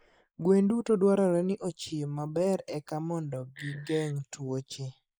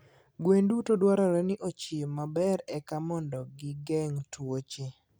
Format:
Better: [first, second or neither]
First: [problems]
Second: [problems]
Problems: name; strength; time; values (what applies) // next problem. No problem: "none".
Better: second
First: noise reduction (neural mask model Resemble Enhance denoiser)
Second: none